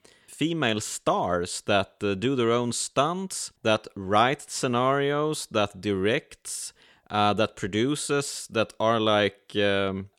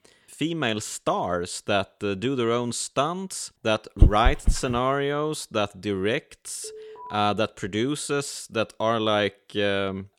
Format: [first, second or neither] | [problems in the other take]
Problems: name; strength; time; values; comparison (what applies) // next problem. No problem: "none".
first | dog barking; loud; at 4 s; peak 5 dB above the speech // alarm; faint; at 6.5 s; peak 15 dB below the speech